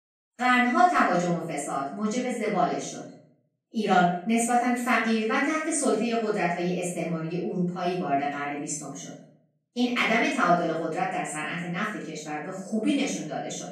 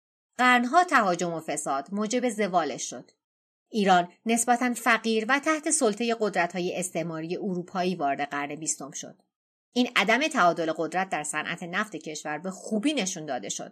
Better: second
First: off-mic speech; far // room echo; noticeable; dies away in 0.6 s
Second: none

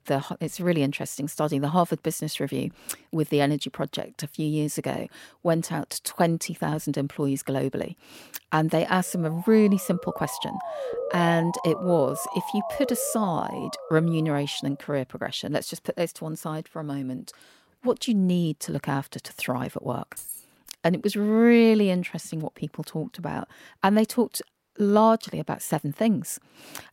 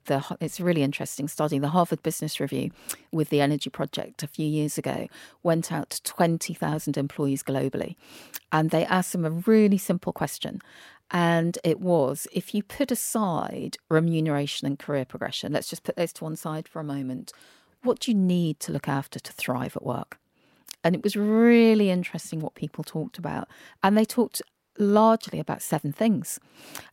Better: second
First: siren; noticeable; from 9 to 15 s; peak 5 dB below the speech // jangling keys; faint; at 20 s; peak 10 dB below the speech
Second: none

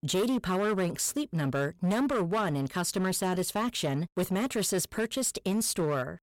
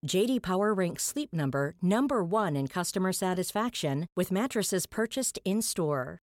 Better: second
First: distortion; slight; 14% of the sound clipped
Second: none

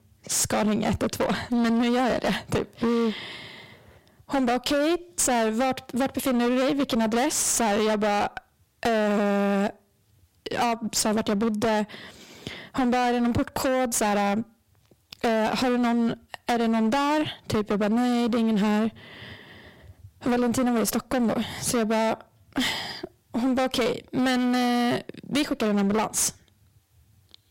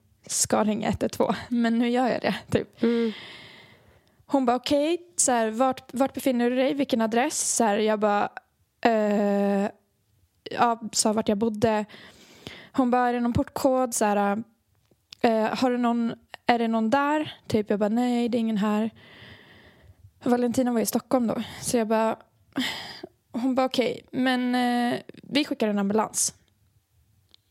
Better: second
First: distortion; heavy; 26% of the sound clipped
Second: none

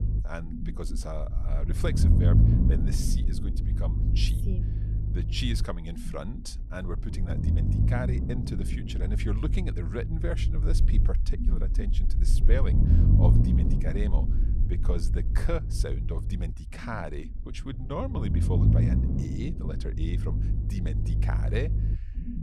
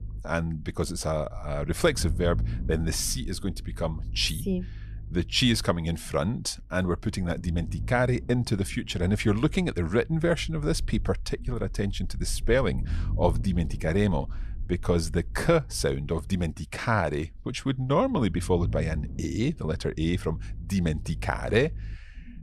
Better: second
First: low rumble; loud; throughout; 2 dB below the speech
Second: low rumble; faint; throughout; 25 dB below the speech

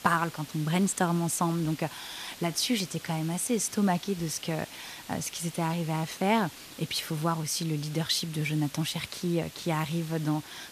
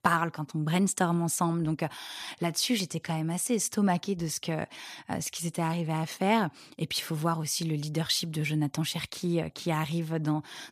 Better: second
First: hiss; noticeable; throughout; 15 dB below the speech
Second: none

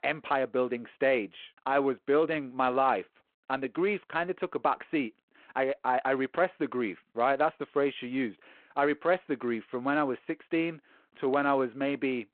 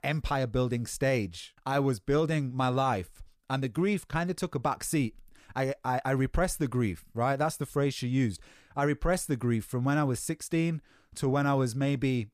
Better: second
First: phone-call audio; nothing above 4 kHz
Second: none

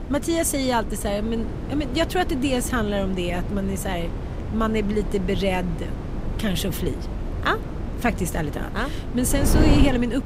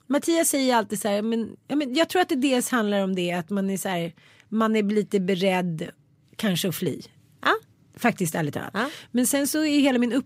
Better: second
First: wind noise on the microphone; heavy; 9 dB below the speech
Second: none

